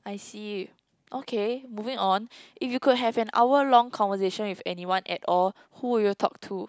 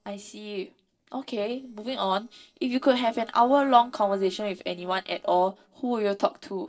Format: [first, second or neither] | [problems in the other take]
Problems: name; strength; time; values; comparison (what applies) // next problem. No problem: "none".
first | noise reduction (neural separator model SepFormer DNS4)